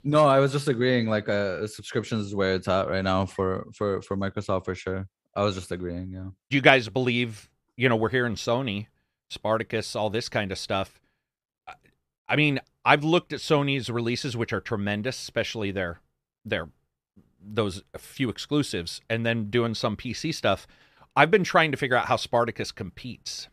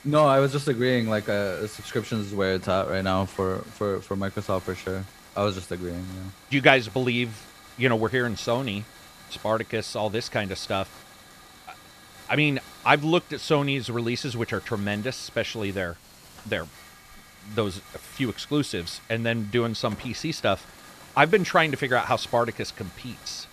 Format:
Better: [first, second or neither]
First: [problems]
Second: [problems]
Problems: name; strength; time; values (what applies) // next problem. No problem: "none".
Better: first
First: none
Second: hiss; faint; throughout; 20 dB below the speech